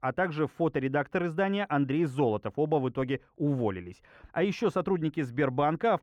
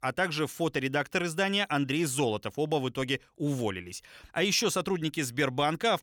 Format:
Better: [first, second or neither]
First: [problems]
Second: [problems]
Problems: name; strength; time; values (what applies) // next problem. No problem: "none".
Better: second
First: muffled; very; fading above 3 kHz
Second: none